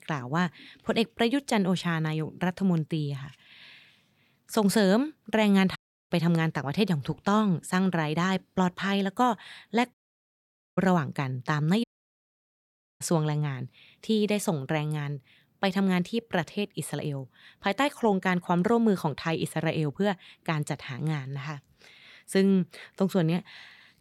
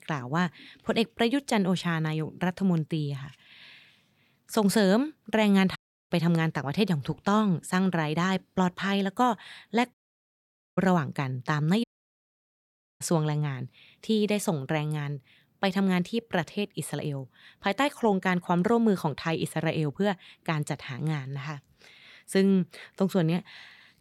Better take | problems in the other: neither | audio cutting out; at 6 s, at 10 s for 1 s and at 12 s for 1 s; the same in both

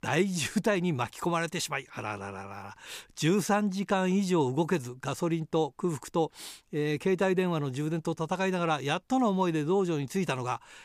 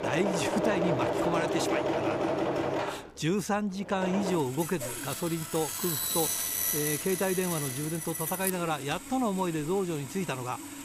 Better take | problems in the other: first | machinery noise; very loud; throughout; as loud as the speech

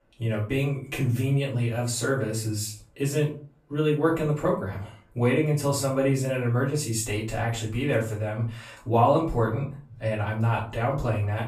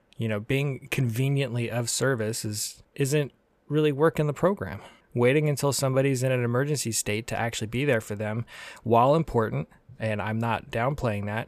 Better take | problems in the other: second | room echo; slight; dies away in 0.3 s // off-mic speech; far

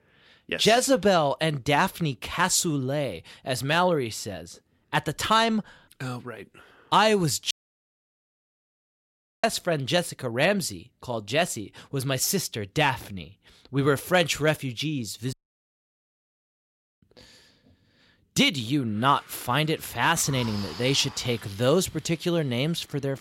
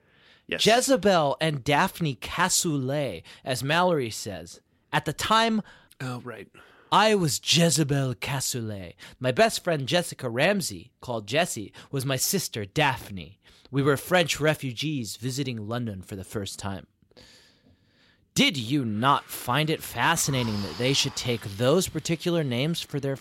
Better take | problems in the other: second | audio cutting out; at 7.5 s for 2 s and at 15 s for 1.5 s

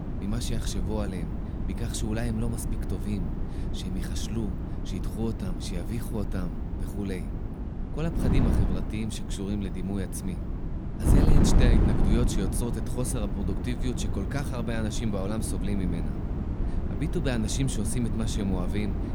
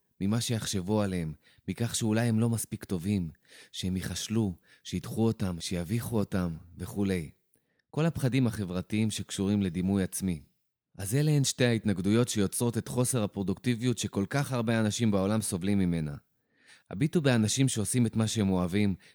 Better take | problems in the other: second | wind noise on the microphone; heavy; 3 dB below the speech

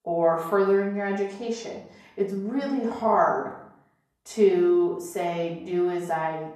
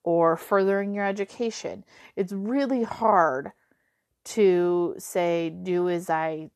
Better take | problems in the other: second | off-mic speech; far // room echo; slight; dies away in 0.6 s

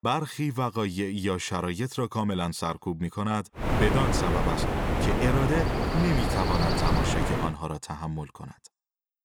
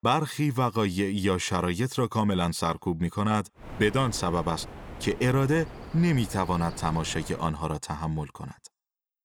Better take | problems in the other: second | wind noise on the microphone; heavy; from 3.5 to 7.5 s; 2 dB above the speech; occasional gusts in the second

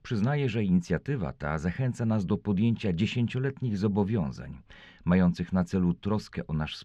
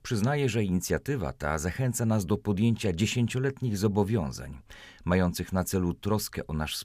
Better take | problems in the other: second | muffled; slightly; fading above 3.5 kHz

